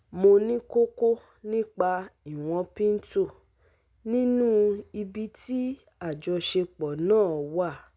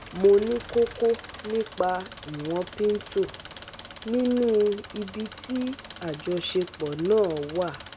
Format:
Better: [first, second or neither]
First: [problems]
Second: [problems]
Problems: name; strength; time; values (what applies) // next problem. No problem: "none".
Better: first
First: none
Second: background sound (Engine); 16 dB below the speech